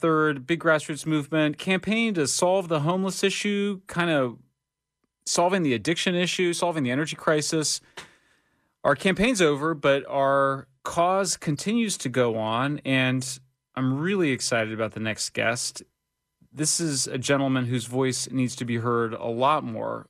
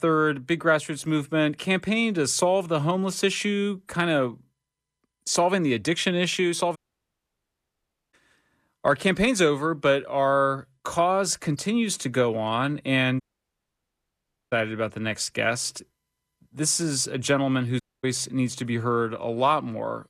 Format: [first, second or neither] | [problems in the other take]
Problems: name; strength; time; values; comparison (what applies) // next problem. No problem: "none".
first | audio cutting out; at 7 s for 1.5 s, at 13 s for 1.5 s and at 18 s